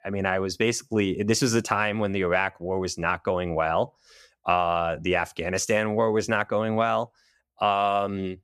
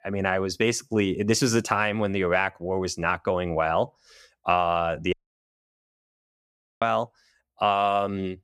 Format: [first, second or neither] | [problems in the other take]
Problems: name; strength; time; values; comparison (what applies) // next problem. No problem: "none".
first | audio cutting out; at 5 s for 1.5 s